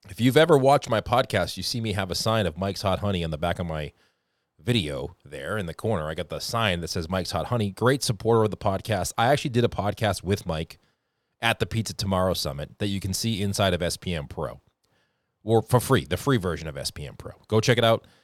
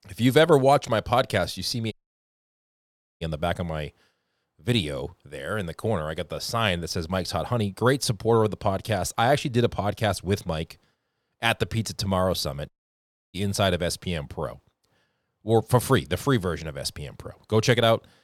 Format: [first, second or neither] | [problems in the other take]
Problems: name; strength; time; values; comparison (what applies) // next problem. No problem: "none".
first | audio cutting out; at 2 s for 1.5 s and at 13 s for 0.5 s